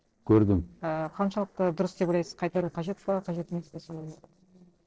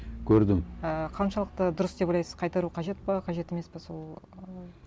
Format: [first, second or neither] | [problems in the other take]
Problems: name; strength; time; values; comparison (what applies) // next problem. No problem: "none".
second | noise reduction (neural separator model SepFormer DNS4)